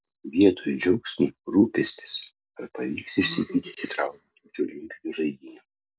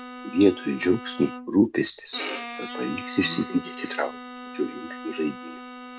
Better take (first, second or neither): first